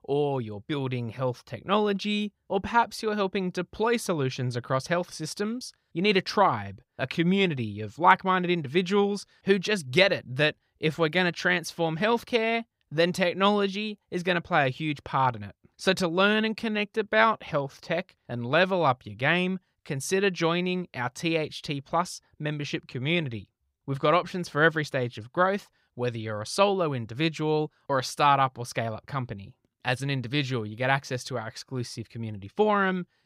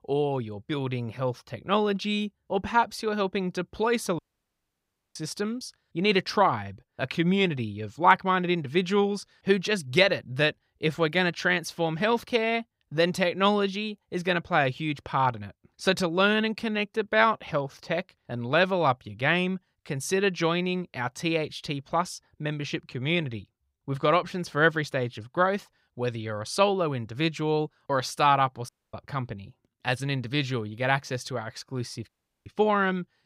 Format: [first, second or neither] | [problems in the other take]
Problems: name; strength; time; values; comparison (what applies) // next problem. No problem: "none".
first | audio cutting out; at 4 s for 1 s, at 29 s and at 32 s